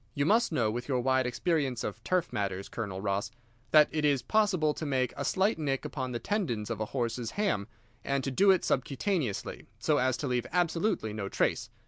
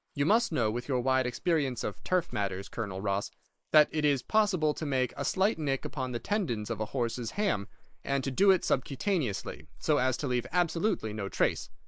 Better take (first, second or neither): first